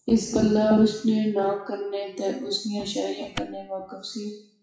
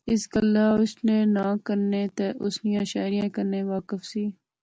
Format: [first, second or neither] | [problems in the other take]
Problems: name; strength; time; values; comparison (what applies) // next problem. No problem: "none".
second | noise reduction (classical method WPE with log-MMSE)